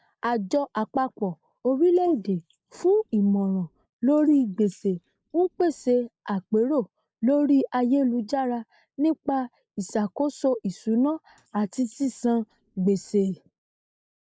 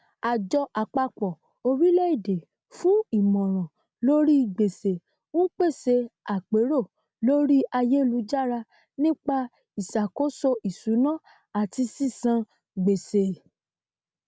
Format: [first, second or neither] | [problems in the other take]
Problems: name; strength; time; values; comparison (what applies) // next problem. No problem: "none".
second | noise reduction (neural mask model Resemble Enhance denoiser)